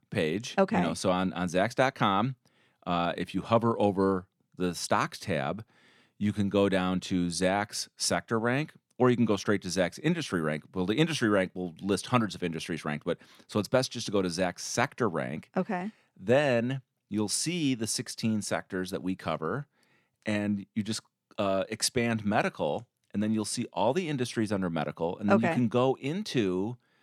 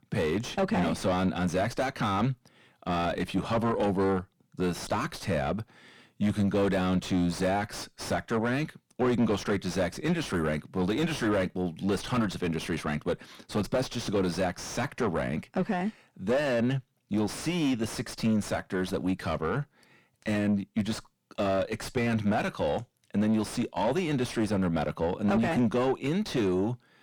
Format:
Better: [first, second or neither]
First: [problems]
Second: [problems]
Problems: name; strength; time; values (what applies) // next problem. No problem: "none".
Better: first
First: none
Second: distortion; heavy; 5 dB below the speech